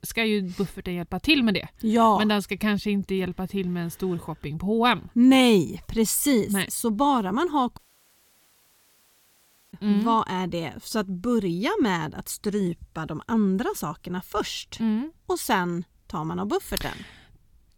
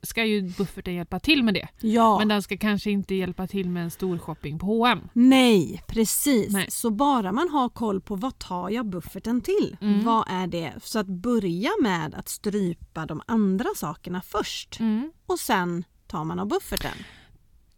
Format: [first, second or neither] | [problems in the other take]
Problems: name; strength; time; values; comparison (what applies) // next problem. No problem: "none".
second | audio cutting out; at 8 s for 2 s